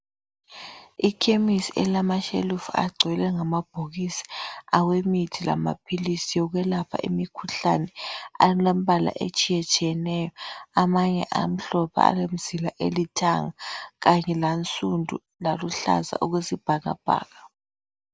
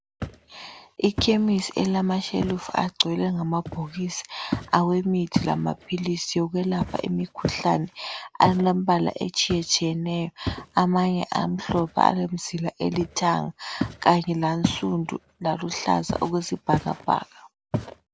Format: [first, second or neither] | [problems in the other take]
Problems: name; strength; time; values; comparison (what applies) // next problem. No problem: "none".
first | background sound (Walk, footsteps); 10 dB below the speech